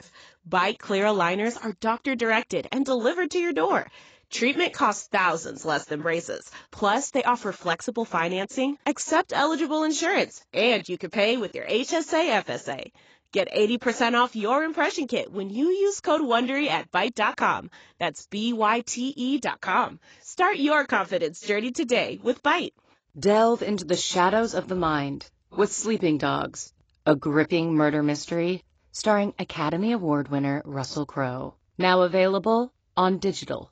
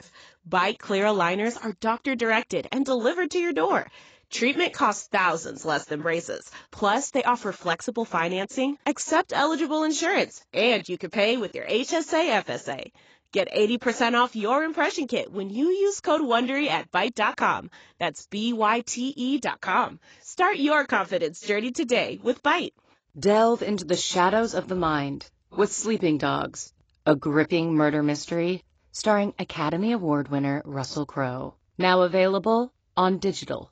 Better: neither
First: garbled, watery; badly; nothing above 7.5 kHz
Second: garbled, watery; badly; nothing above 7.5 kHz

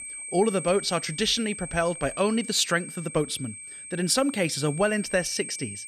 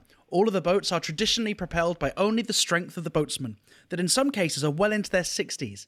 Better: second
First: high-pitched whine; noticeable; throughout; 8.5 kHz, 10 dB below the speech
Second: none

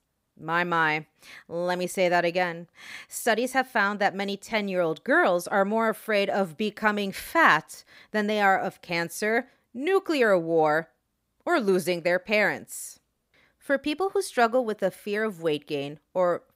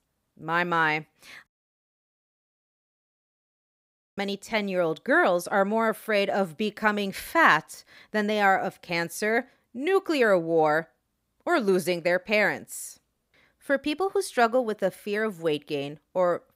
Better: first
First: none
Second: audio cutting out; at 1.5 s for 2.5 s

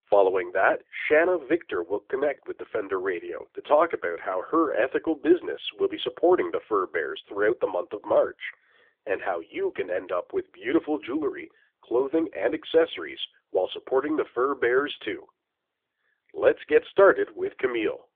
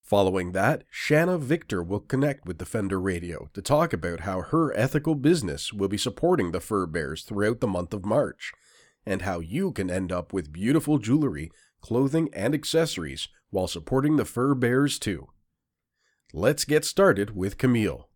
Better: second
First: phone-call audio; nothing above 3.5 kHz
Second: none

